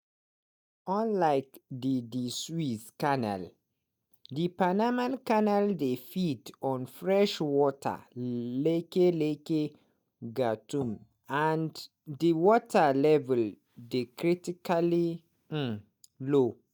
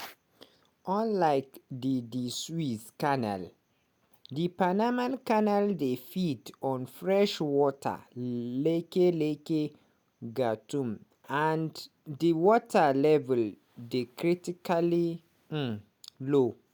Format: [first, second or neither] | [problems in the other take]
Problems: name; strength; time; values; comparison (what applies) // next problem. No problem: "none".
second | noise reduction (neural mask model DeepFilterNet 3)